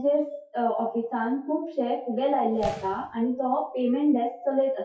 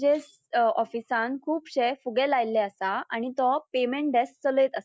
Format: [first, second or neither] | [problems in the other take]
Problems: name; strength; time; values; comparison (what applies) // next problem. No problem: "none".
second | noise reduction (classical method WPE with log-MMSE)